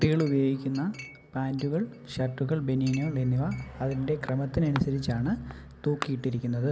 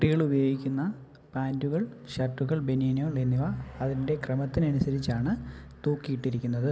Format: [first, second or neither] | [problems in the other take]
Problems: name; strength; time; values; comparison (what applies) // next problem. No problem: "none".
second | background sound (Chink, clink); 19 dB below the speech